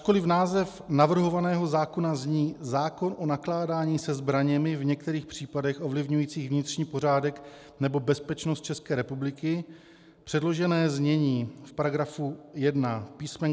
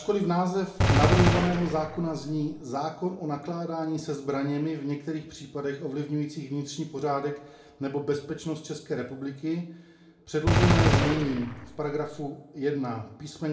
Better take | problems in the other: first | background sound (Gunshot, gunfire); 5 dB above the speech // room echo; dies away in 0.4 s

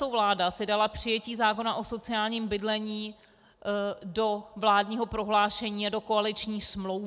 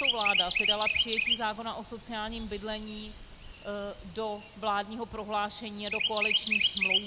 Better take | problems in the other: first | background sound (Chirp, tweet); 3 dB above the speech

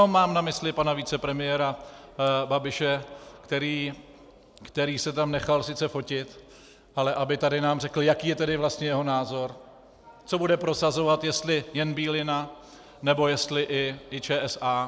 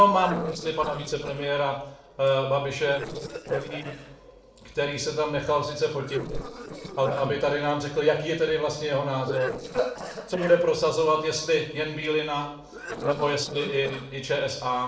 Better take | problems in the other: first | noise reduction (neural separator model SepFormer DNS4)

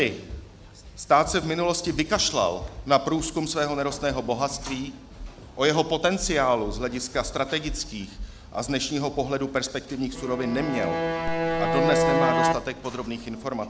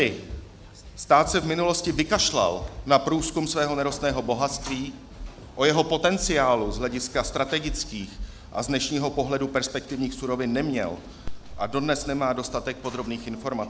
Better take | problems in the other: second | background sound (Bowed string instrument); 1 dB above the speech

